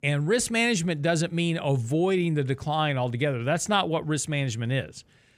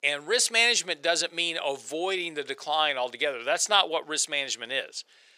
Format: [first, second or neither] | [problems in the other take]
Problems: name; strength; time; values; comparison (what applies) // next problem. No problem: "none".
first | thin; very; fading below 500 Hz